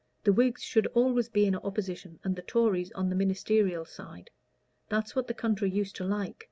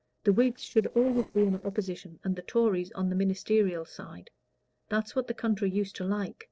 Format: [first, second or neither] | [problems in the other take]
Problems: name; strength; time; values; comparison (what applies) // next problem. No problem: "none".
first | noise reduction (neural separator model SepFormer DNS4)